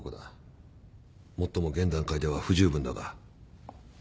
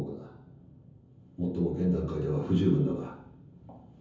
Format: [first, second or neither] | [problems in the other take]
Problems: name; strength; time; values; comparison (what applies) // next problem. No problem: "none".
first | room echo; dies away in 0.7 s